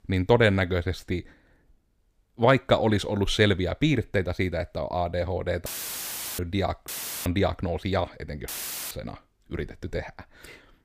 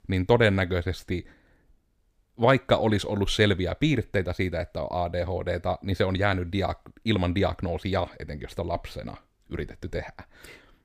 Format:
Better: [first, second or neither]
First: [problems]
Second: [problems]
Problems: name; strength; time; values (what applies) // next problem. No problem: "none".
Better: second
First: audio cutting out; filled with static; at 5.5 s for 0.5 s, at 7 s and at 8.5 s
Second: none